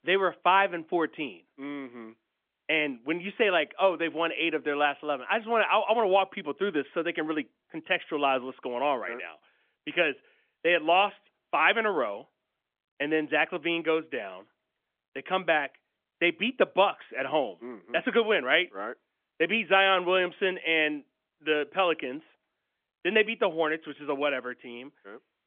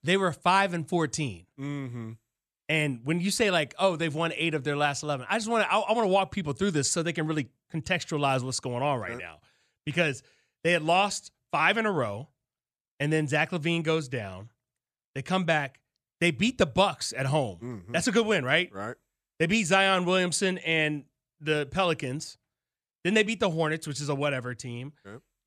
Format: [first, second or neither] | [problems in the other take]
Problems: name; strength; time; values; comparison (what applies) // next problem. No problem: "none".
second | phone-call audio; nothing above 3.5 kHz